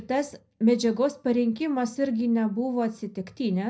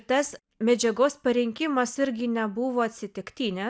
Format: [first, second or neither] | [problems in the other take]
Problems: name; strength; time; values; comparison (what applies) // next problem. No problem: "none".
second | room echo; dies away in 0.5 s